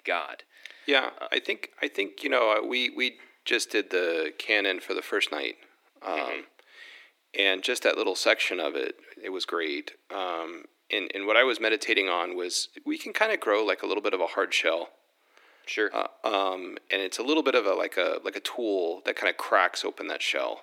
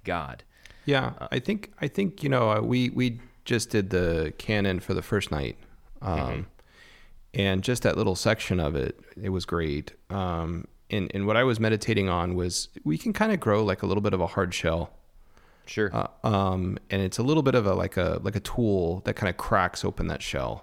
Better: second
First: thin; very; fading below 300 Hz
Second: none

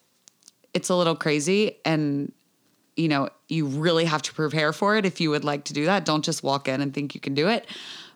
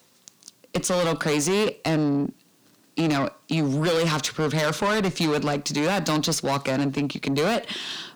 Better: first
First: none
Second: distortion; heavy; 7 dB below the speech

